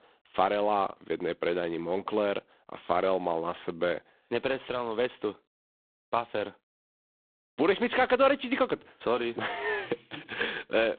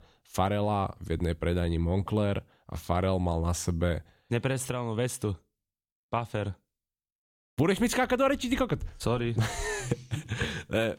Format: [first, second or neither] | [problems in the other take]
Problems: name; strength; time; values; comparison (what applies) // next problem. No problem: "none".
second | phone-call audio; poor line; nothing above 3.5 kHz